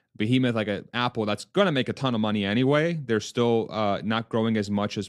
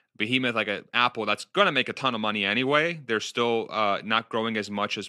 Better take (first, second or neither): first